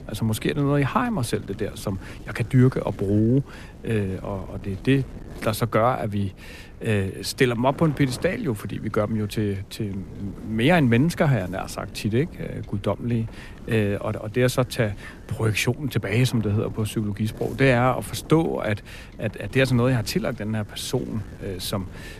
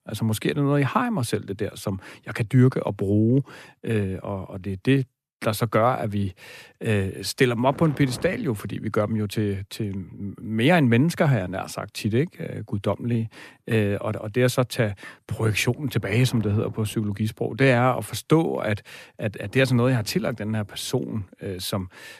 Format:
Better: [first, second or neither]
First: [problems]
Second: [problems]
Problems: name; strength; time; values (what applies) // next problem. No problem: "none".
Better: second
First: wind noise on the microphone; occasional gusts; 20 dB below the speech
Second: none